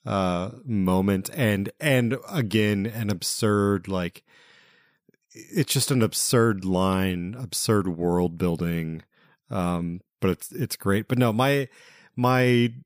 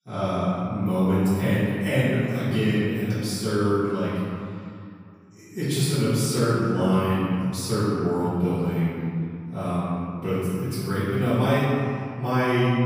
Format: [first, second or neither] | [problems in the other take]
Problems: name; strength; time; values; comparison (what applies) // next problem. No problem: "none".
first | off-mic speech; far // room echo; strong; dies away in 2.2 s